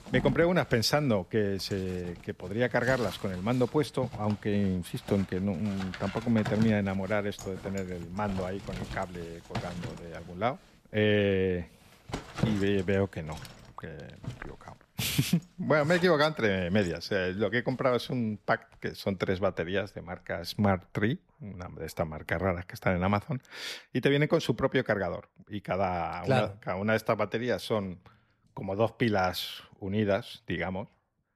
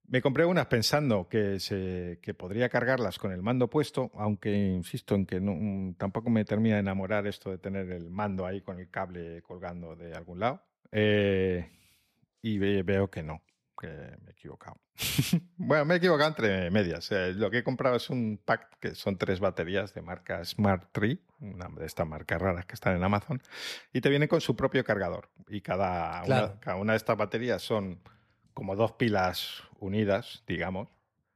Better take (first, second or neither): second